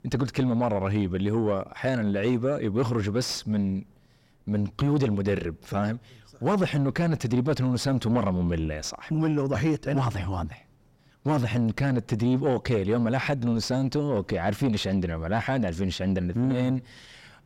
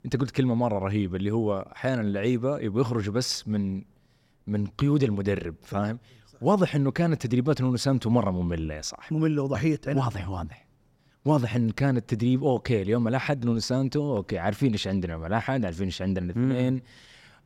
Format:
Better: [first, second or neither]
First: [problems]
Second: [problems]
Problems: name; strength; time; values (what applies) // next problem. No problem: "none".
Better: second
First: distortion; slight; 10 dB below the speech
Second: none